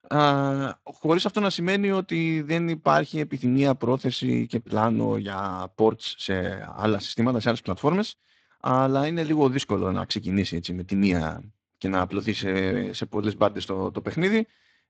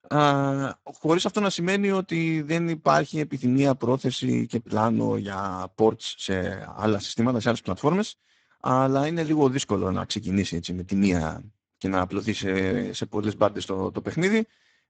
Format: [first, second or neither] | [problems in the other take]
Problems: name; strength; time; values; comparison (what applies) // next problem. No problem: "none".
first | garbled, watery; badly; nothing above 8 kHz; slightly in the first